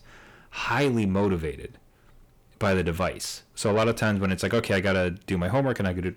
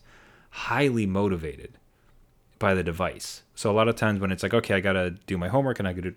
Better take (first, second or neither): second